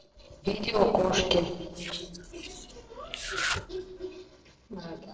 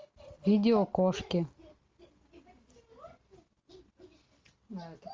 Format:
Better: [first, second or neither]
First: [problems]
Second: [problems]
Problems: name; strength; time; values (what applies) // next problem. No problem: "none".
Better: second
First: noise reduction (neural separator model SepFormer DNS4)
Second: none